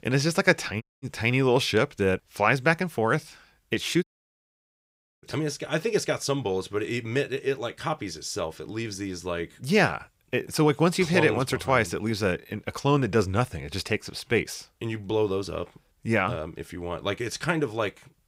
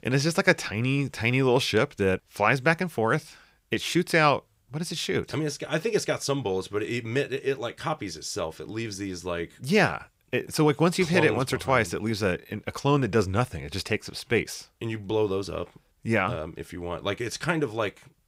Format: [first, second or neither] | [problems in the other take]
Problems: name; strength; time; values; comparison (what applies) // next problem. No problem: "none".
second | audio cutting out; at 1 s and at 4 s for 1 s